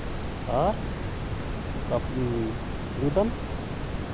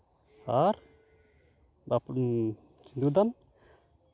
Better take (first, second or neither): second